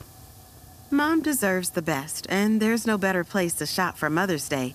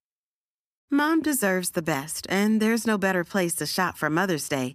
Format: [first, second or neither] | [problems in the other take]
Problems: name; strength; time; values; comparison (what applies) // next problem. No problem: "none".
second | hiss; faint; throughout; 25 dB below the speech